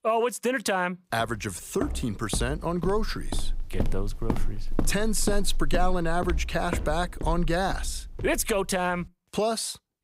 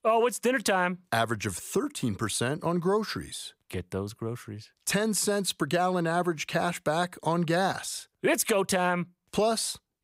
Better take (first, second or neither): second